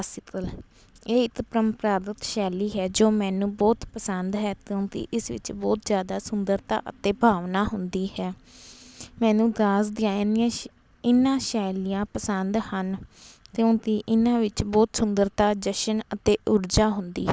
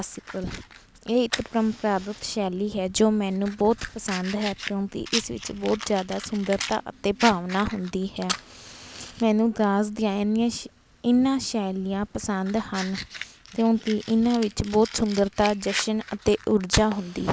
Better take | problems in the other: first | background sound (Fire); 13 dB below the speech

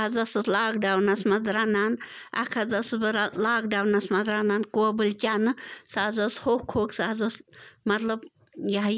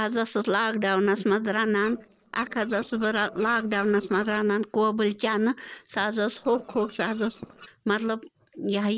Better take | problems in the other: first | noise reduction (neural separator model SepFormer DNS4)

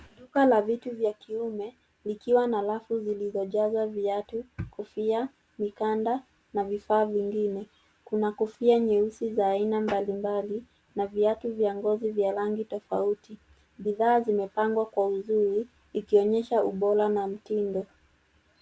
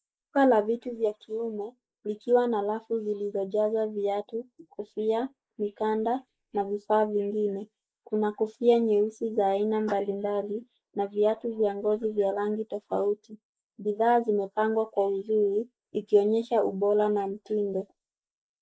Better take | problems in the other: first | noise reduction (neural mask model Resemble Enhance denoiser)

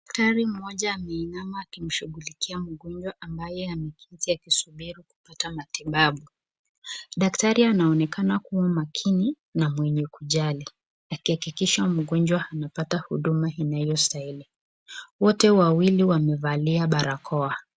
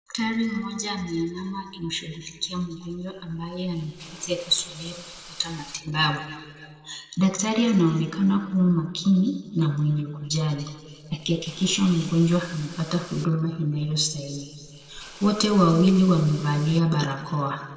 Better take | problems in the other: first | noise reduction (neural separator model SepFormer DNS4)

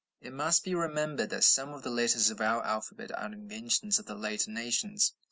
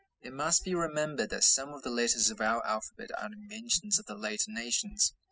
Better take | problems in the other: first | noise reduction (classical method spectral subtraction)

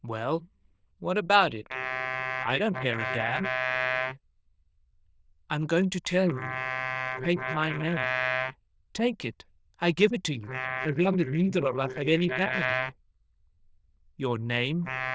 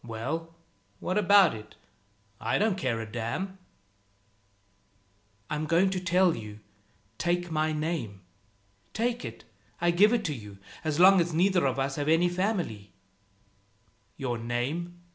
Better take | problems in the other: second | noise reduction (neural diffusion model UNIVERSE++)

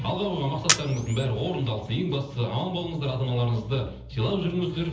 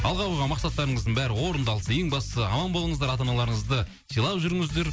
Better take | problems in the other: second | background sound (Camera); 4 dB below the speech // room echo; dies away in 0.7 s

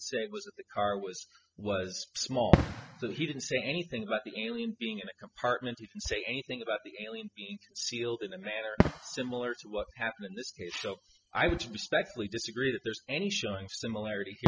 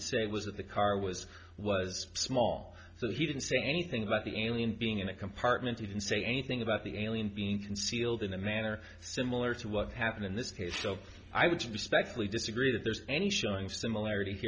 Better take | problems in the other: second | noise reduction (classical method spectral subtraction)

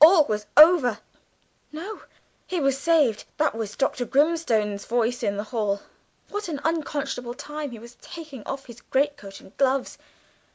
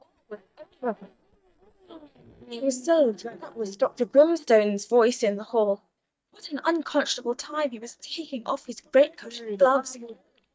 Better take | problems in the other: first | noise reduction (neural mask model DeepFilterNet 3)

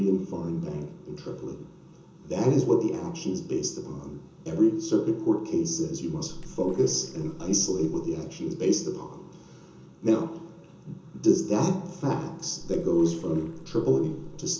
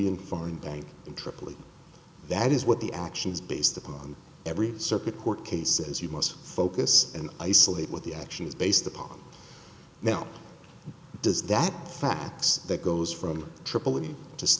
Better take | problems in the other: second | background sound (Splash, splatter); 16 dB below the speech // room echo; dies away in 0.6 s

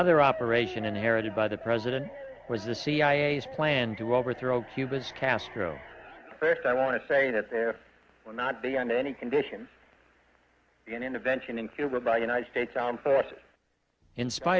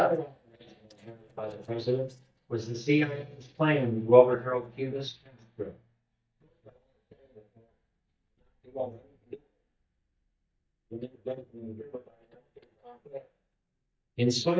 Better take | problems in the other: first | noise reduction (neural mask model DeepFilterNet 3)

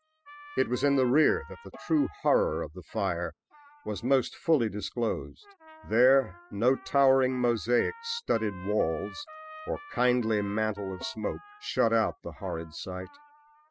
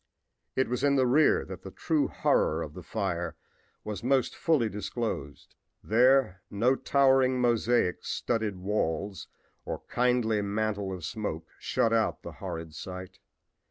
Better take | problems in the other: second | noise reduction (classical method spectral subtraction)

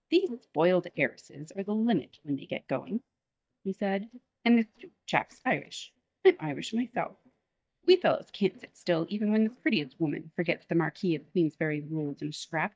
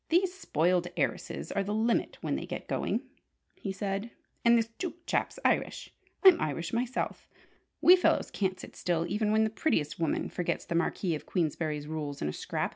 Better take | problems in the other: second | noise reduction (neural mask model DeepFilterNet 3)

